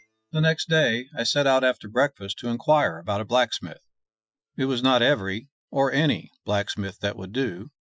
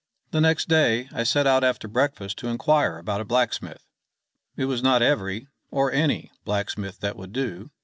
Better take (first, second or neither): second